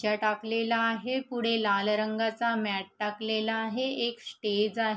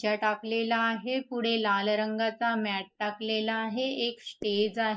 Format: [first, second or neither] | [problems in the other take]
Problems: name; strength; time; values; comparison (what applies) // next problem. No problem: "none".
first | noise reduction (neural mask model Resemble Enhance denoiser)